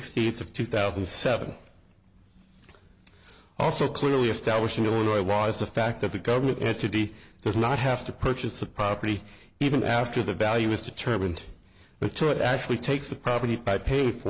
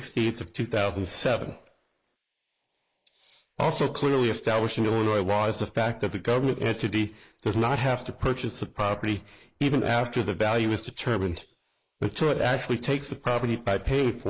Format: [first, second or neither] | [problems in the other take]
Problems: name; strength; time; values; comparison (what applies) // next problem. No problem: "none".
first | noise reduction (neural mask model Resemble Enhance denoiser)